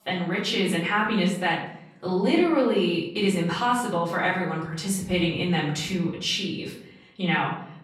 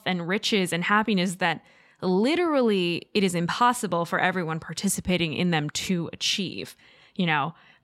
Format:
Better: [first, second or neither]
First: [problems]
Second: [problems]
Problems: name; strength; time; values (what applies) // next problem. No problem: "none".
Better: second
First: room echo; noticeable; dies away in 0.6 s // off-mic speech; far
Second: none